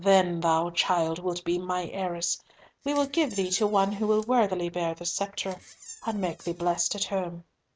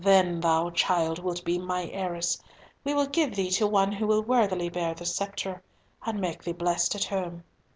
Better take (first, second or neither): second